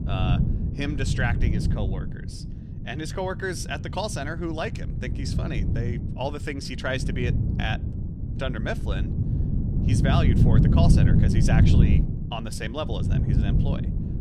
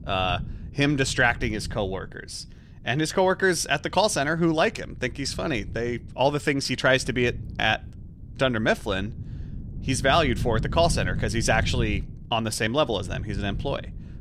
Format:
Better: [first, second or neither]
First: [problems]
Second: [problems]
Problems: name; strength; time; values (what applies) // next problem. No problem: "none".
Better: second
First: wind noise on the microphone; heavy; 3 dB below the speech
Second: wind noise on the microphone; occasional gusts; 20 dB below the speech